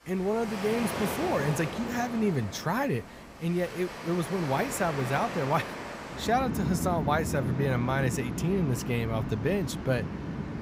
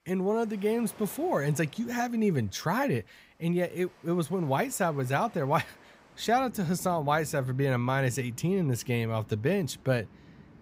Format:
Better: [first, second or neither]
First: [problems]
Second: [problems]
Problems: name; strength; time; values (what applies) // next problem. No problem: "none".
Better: second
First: rain or running water; loud; throughout; 6 dB below the speech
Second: rain or running water; faint; throughout; 25 dB below the speech